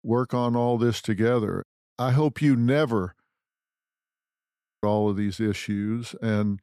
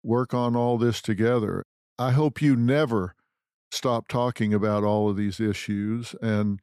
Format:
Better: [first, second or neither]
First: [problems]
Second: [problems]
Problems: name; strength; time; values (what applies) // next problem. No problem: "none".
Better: second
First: audio freezing; at 3.5 s for 1.5 s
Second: none